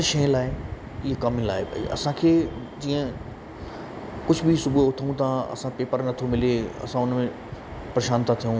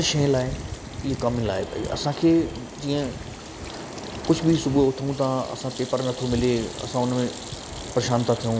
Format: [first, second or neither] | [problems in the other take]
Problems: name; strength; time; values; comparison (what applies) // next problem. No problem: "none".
first | background sound (Sink (filling or washing) / Hands); 17 dB below the speech